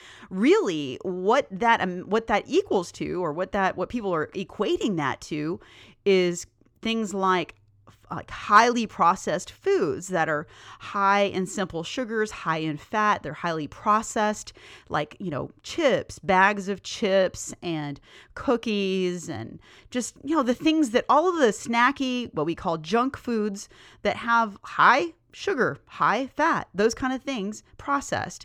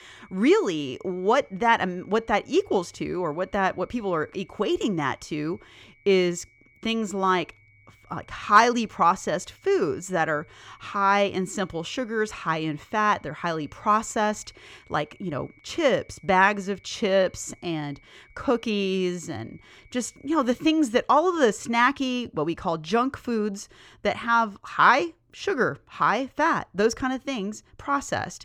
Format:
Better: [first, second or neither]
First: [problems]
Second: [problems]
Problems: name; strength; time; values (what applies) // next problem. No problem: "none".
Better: first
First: none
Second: high-pitched whine; faint; until 21 s; 2 kHz, 30 dB below the speech